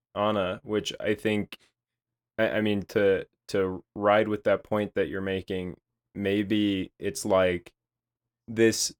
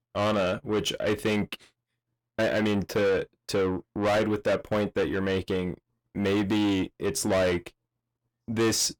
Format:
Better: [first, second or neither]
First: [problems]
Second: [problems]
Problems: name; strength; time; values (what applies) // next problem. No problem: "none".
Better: first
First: none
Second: distortion; heavy; 7 dB below the speech